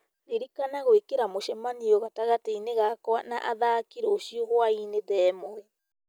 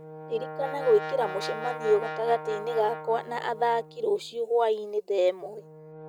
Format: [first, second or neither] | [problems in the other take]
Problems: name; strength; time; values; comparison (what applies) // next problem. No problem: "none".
first | background sound (Brass instrument); 11 dB below the speech